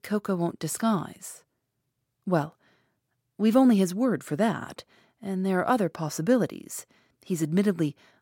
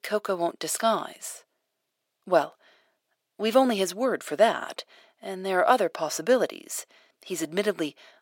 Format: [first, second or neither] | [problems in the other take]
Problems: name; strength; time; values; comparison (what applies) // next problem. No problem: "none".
first | thin; somewhat; fading below 450 Hz